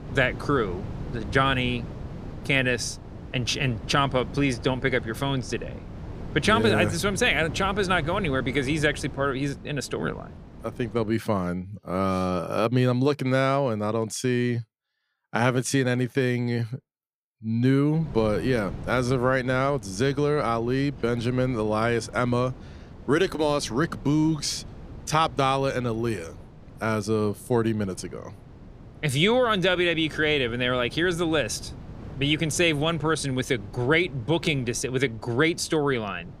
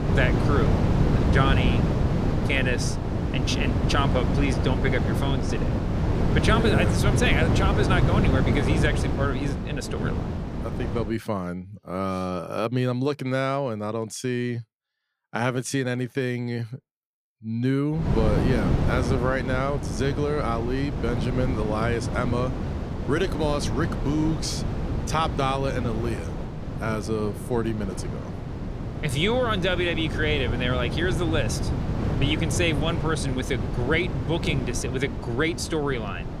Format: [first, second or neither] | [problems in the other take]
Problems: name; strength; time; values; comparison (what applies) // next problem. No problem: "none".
first | wind noise on the microphone; heavy; until 11 s and from 18 s on; 5 dB below the speech; occasional gusts in the first